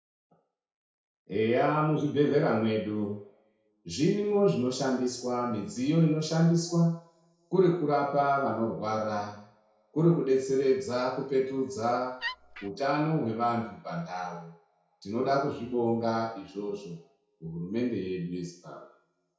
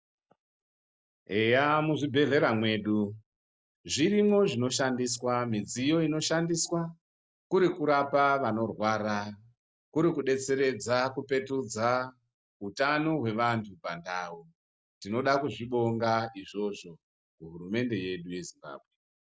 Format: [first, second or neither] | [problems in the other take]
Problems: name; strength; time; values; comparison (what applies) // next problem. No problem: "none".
second | background sound (Wood); 10 dB below the speech // room echo; dies away in 0.6 s